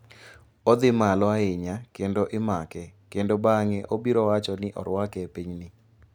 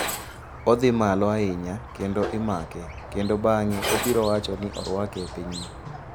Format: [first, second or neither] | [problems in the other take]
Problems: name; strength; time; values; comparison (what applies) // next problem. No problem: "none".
first | background sound (Glass + Squeak); 9 dB below the speech